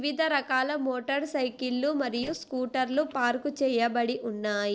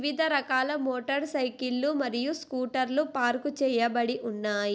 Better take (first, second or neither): second